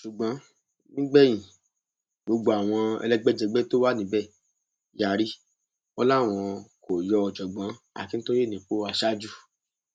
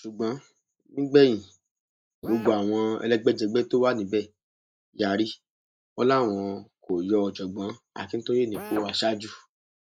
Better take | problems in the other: first | noise reduction (neural mask model Resemble Enhance denoiser)

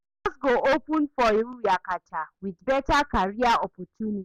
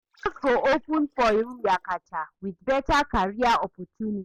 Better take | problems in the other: first | noise reduction (neural mask model Resemble Enhance denoiser)

